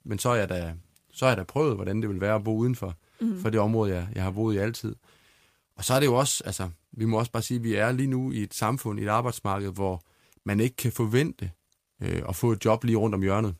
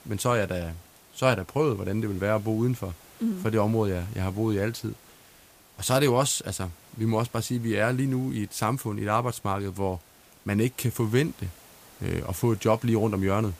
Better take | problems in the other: first | hiss; faint; throughout; 25 dB below the speech

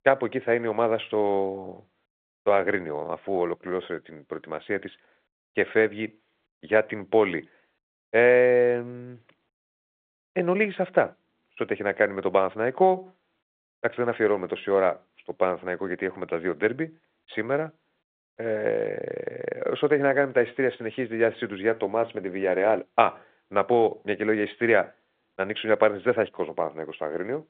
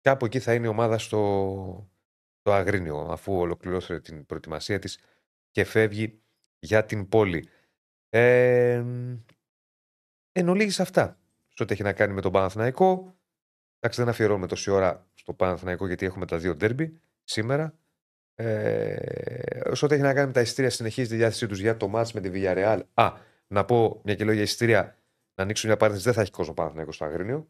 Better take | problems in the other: second | phone-call audio

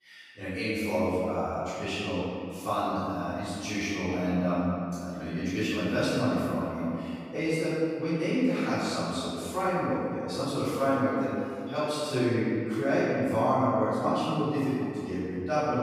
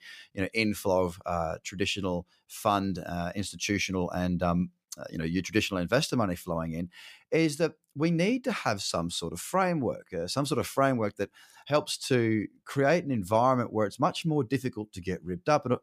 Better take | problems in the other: second | off-mic speech; far // room echo; strong; dies away in 2.4 s

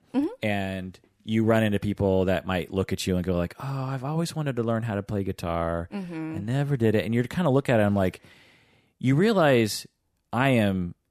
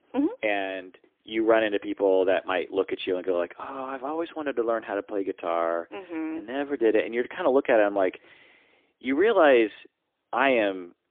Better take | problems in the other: first | phone-call audio; poor line; nothing above 3.5 kHz

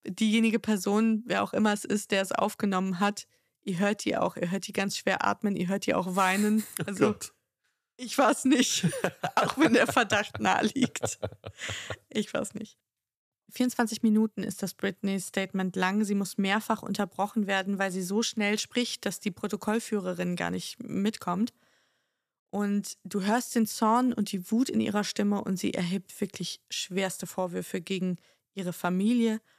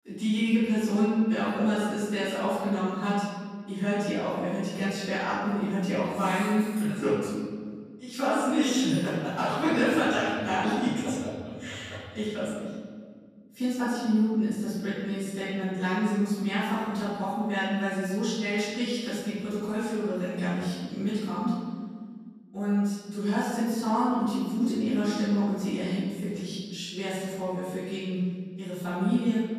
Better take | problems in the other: first | off-mic speech; far // room echo; strong; dies away in 1.7 s

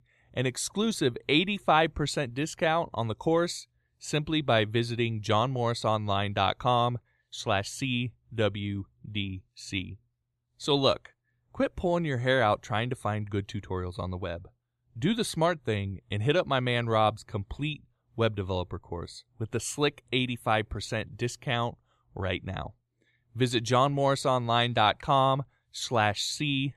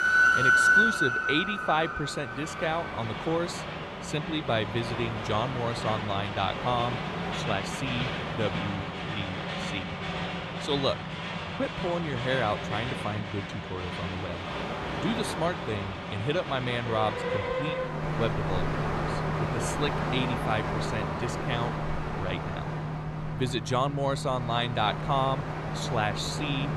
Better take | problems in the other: first | train or aircraft noise; very loud; throughout; 1 dB above the speech

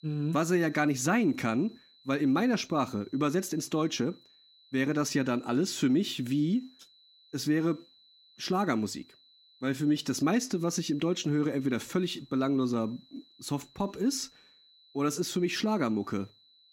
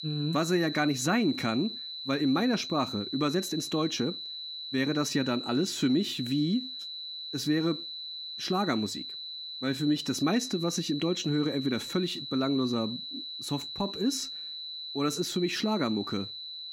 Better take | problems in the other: first | high-pitched whine; loud; throughout; 4 kHz, 7 dB below the speech; faint in the first

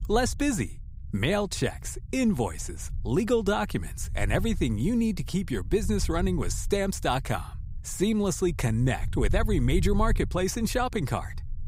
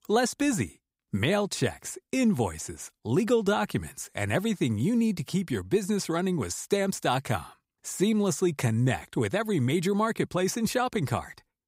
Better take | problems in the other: second | low rumble; faint; throughout; 25 dB below the speech

